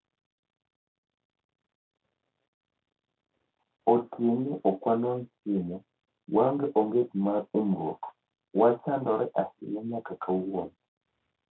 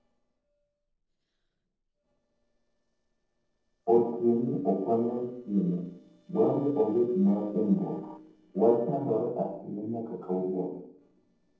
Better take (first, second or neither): first